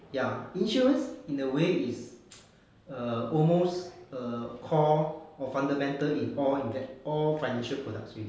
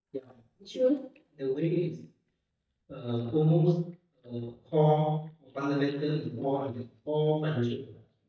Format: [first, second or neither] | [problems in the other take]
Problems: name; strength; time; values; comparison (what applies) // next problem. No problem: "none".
first | noise reduction (neural mask model DeepFilterNet 3)